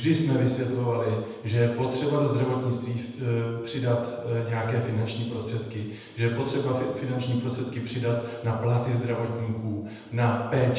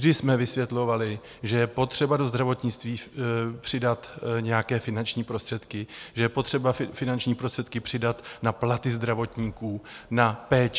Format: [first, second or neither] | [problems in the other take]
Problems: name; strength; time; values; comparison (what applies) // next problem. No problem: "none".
second | room echo; dies away in 1 s